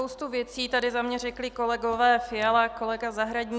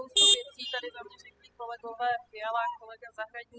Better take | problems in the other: first | noise reduction (classical method spectral subtraction)

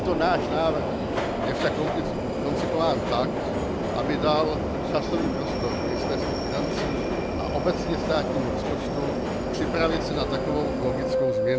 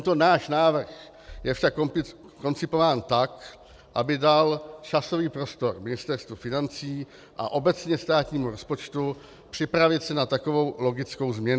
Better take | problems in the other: second | background sound (Subway, metro, underground); 3 dB above the speech

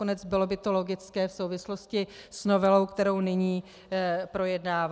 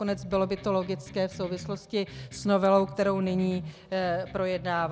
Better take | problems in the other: first | background sound (Electric guitar); 15 dB below the speech

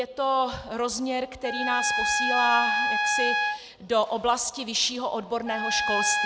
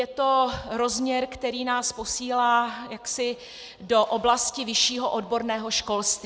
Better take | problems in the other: second | background sound (Trumpet); 1 dB below the speech

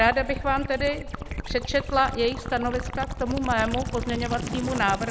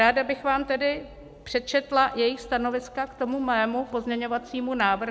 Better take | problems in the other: second | background sound (Gurgling / Liquid); 6 dB below the speech

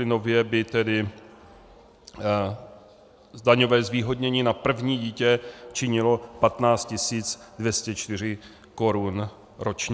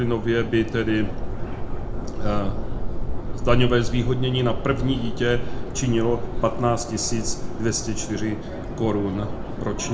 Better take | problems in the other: first | background sound (Subway, metro, underground); as loud as the speech // room echo; dies away in 0.4 s

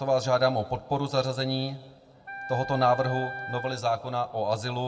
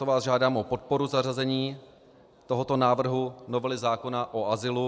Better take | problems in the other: second | background sound (Wind instrument, woodwind instrument); 11 dB below the speech // room echo; dies away in 1 s

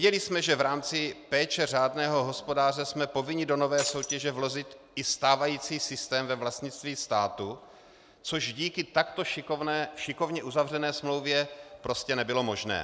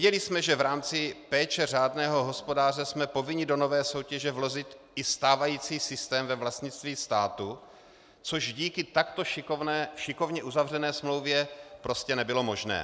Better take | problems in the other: second | background sound (Shatter); 5 dB below the speech

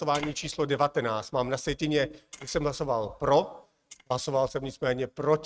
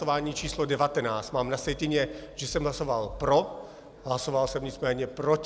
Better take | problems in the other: second | noise reduction (neural mask model RNNoise)

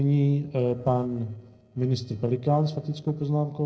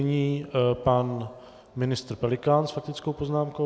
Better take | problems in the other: second | noise reduction (neural separator model SepFormer DNS4)

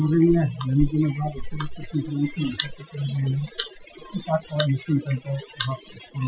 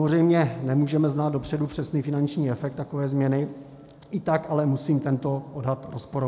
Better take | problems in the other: second | noise reduction (classical method Wiener filter)

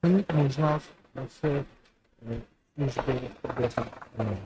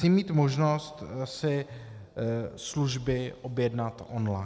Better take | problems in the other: second | noise reduction (neural mask model RNNoise)

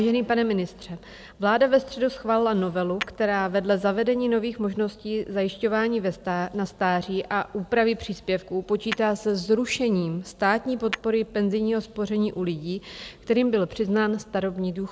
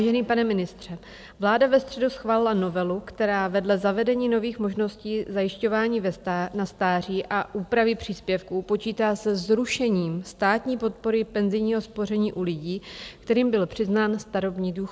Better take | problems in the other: second | background sound (Tap / Hammer); 17 dB below the speech

